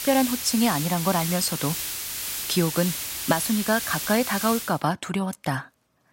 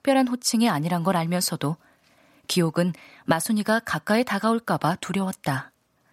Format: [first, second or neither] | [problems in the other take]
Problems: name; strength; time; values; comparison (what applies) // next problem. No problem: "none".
second | hiss; loud; until 4.5 s; 4 dB below the speech